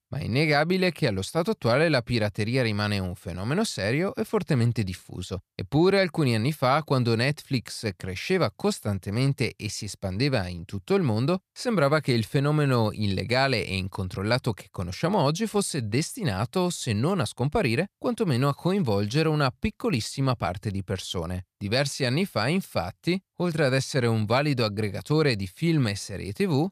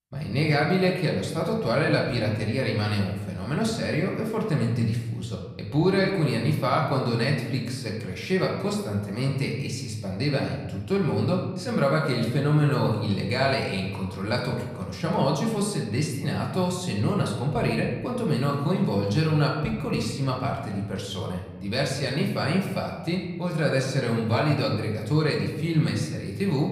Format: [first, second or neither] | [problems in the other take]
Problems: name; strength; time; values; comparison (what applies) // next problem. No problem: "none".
first | room echo; noticeable; dies away in 1.1 s // off-mic speech; somewhat distant